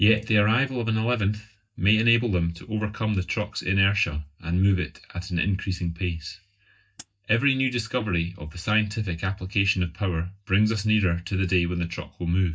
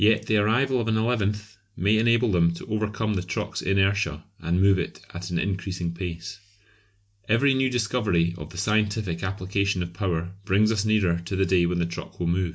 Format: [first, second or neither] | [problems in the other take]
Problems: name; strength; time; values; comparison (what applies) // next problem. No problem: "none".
second | noise reduction (neural mask model DeepFilterNet 3)